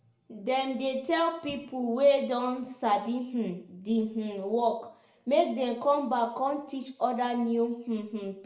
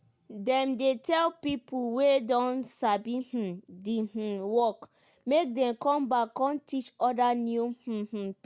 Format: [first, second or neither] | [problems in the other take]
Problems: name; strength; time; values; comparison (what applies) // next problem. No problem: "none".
second | room echo; dies away in 0.5 s